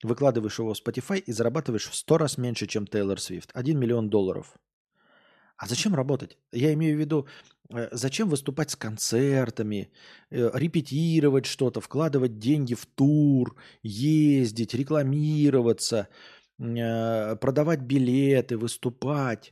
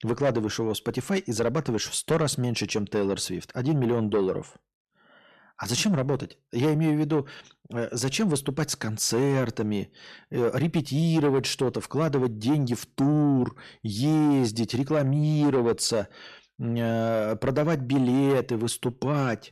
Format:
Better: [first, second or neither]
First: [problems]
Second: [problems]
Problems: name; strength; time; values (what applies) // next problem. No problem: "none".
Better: first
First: none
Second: distortion; slight; 10 dB below the speech